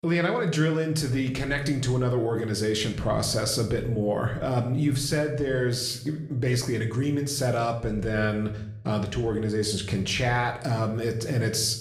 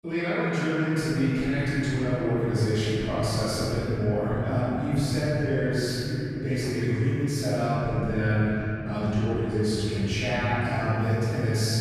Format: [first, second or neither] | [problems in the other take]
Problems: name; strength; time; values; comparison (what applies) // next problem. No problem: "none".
first | room echo; strong; dies away in 3 s; slight in the first // off-mic speech; far